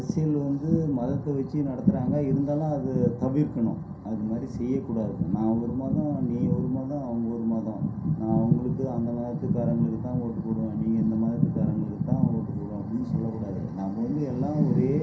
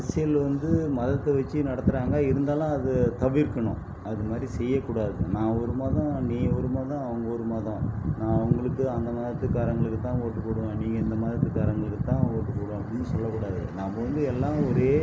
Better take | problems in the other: second | room echo; dies away in 0.3 s

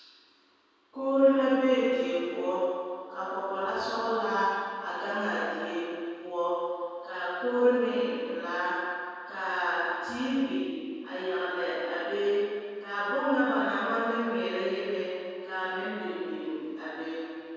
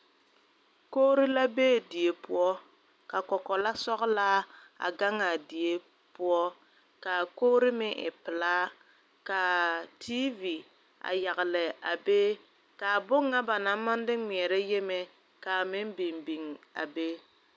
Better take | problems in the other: second | room echo; dies away in 2.1 s

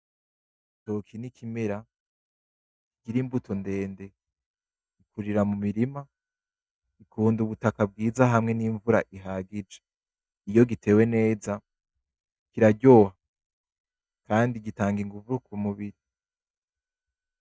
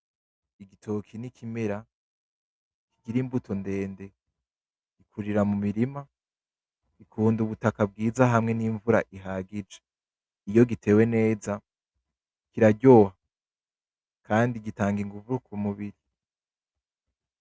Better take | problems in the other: second | noise reduction (neural mask model DeepFilterNet 3)

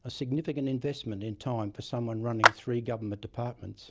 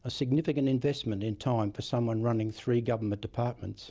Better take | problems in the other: second | background sound (Clapping); 4 dB above the speech

